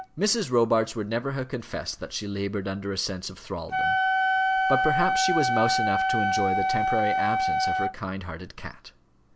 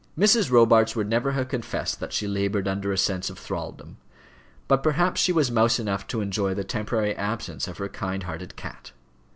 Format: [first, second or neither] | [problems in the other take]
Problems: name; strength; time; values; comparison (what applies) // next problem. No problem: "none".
second | background sound (Wind instrument, woodwind instrument); 2 dB above the speech